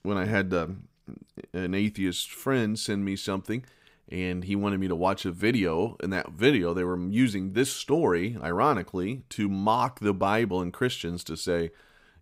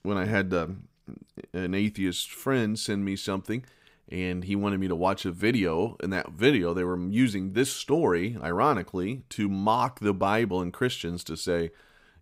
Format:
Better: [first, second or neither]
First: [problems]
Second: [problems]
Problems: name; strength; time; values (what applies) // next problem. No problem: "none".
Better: neither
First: none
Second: none